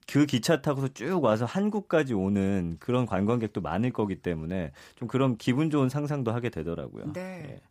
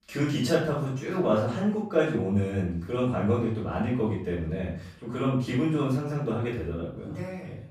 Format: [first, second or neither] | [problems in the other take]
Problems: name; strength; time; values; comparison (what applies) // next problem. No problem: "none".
first | off-mic speech; far // room echo; noticeable; dies away in 0.5 s